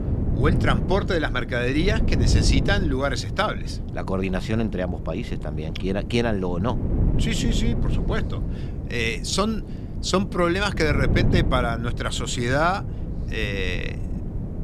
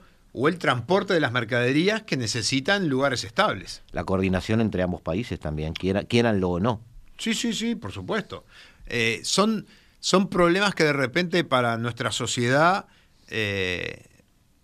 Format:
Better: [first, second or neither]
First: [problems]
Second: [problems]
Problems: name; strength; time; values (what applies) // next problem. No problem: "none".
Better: second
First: wind noise on the microphone; occasional gusts; 10 dB below the speech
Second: none